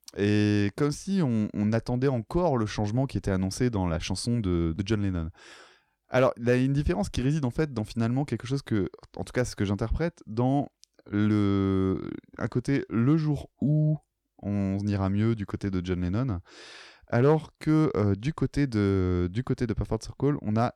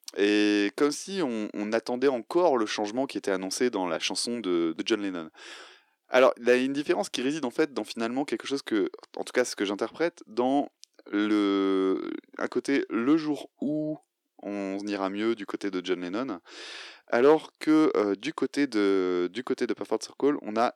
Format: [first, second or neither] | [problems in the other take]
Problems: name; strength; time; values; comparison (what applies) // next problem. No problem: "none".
first | thin; somewhat; fading below 300 Hz